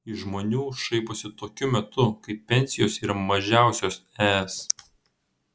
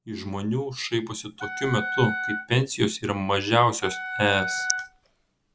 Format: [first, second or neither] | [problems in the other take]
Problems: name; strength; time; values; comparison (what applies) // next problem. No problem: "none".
first | background sound (Wind instrument, woodwind instrument); 7 dB below the speech